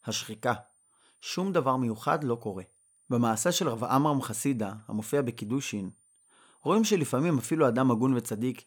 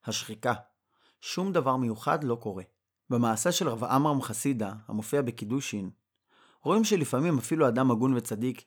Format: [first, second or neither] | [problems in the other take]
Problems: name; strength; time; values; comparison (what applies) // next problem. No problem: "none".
second | high-pitched whine; faint; throughout; 9 kHz, 35 dB below the speech